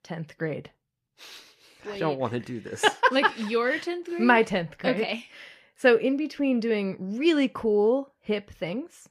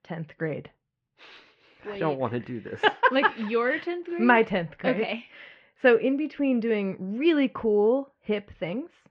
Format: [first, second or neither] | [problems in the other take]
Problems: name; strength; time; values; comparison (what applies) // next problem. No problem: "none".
first | muffled; slightly; fading above 3 kHz